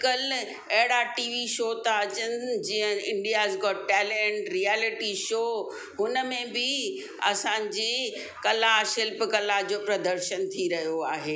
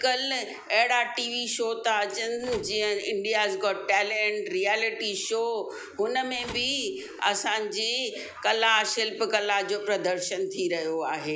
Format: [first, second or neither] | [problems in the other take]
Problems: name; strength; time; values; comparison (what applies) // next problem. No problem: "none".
first | background sound (Telephone); 19 dB below the speech